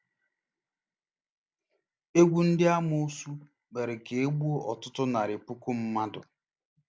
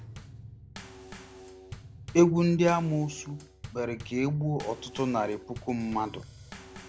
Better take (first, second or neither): first